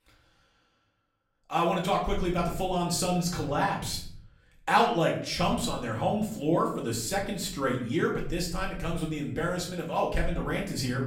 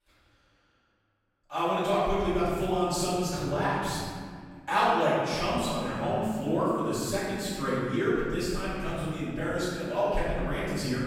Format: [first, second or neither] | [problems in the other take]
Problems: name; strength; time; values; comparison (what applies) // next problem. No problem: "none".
first | room echo; strong; dies away in 2 s; slight in the first // off-mic speech; far; far in the first